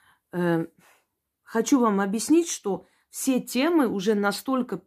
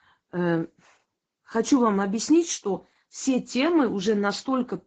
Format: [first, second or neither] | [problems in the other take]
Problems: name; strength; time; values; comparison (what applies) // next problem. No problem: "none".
first | garbled, watery; badly; nothing above 7.5 kHz